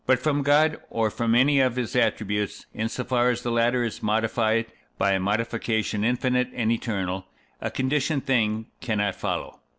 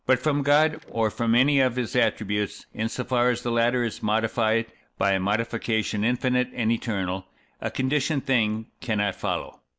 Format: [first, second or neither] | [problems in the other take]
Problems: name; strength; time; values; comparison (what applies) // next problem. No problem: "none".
first | noise reduction (neural mask model Resemble Enhance denoiser)